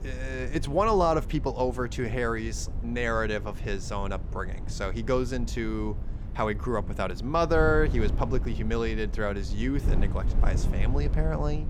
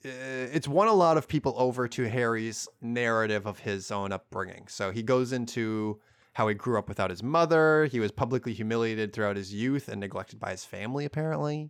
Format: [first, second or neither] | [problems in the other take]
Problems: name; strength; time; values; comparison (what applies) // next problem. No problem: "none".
second | wind noise on the microphone; occasional gusts; 15 dB below the speech